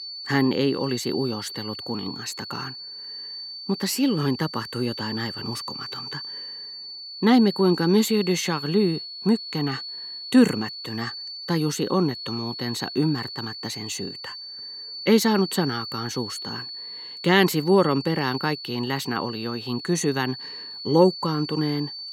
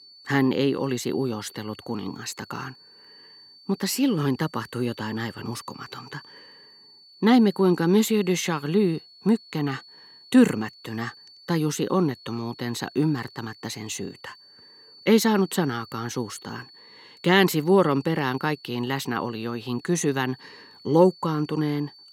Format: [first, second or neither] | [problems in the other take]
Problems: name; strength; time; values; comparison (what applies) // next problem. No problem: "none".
second | high-pitched whine; loud; throughout; 4.5 kHz, 9 dB below the speech; faint in the second